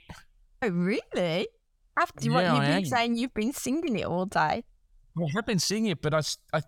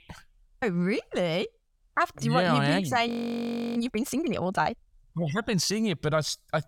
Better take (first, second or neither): first